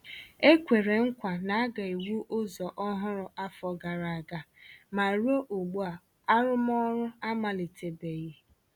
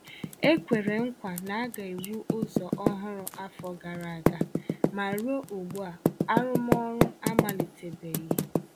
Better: first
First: none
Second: background sound (Typing); 2 dB above the speech

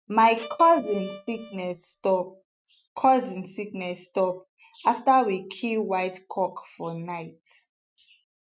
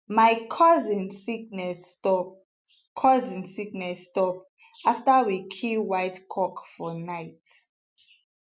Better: second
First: noise reduction (neural mask model RNNoise)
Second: none

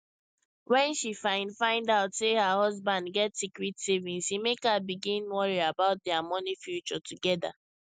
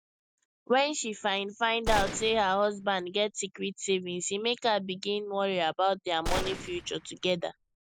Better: first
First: none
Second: background sound (Gunshot, gunfire); 6 dB below the speech

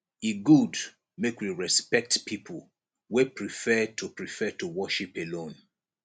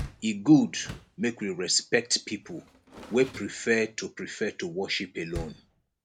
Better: first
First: none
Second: background sound (Door); 17 dB below the speech

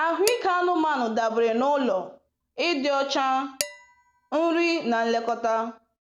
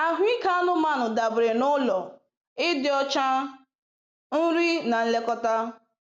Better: second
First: background sound (Dishes, pots, and pans); 16 dB below the speech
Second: none

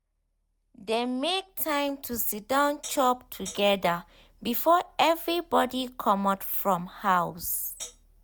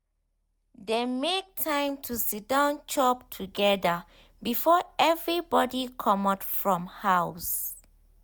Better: second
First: background sound (Hi-hat); 15 dB below the speech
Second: none

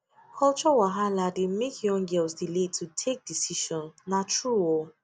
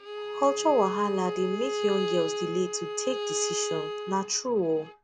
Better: first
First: none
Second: background sound (Bowed string instrument); 4 dB below the speech

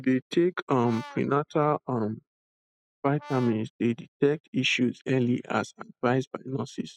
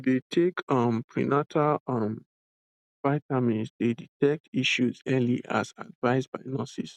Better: second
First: noise reduction (classical method spectral subtraction)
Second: none

